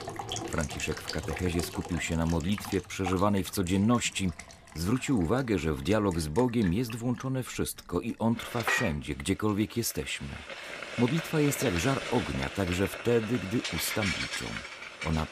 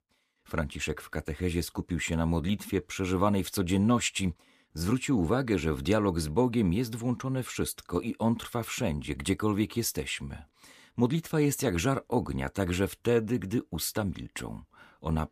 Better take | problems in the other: second | household noises; loud; throughout; 7 dB below the speech

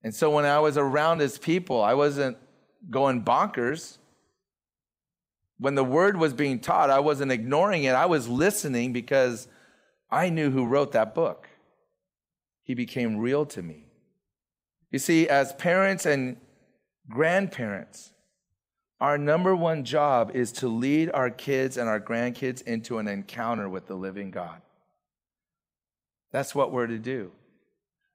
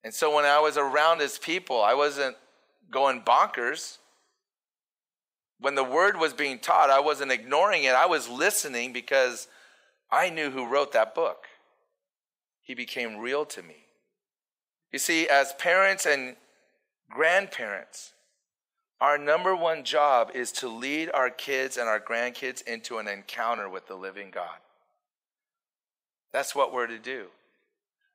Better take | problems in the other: first | thin; somewhat; fading below 600 Hz

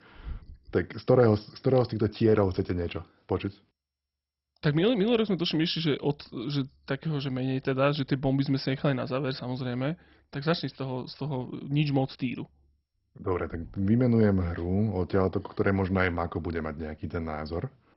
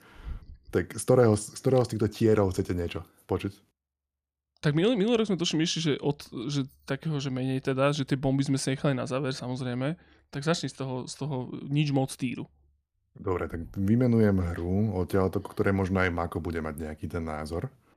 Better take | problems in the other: second | garbled, watery; badly; nothing above 5.5 kHz

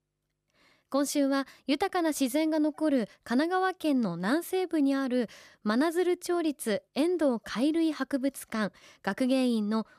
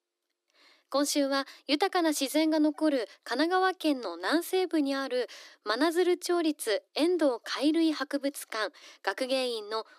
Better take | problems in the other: first | thin; very slightly; fading below 300 Hz

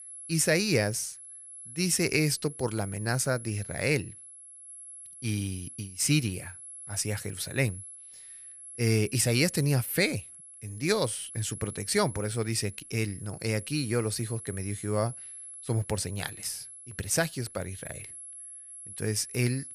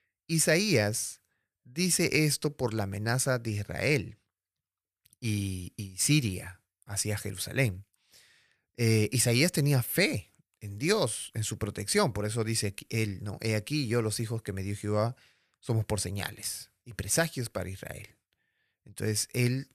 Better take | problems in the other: second | high-pitched whine; noticeable; throughout; 11 kHz, 15 dB below the speech

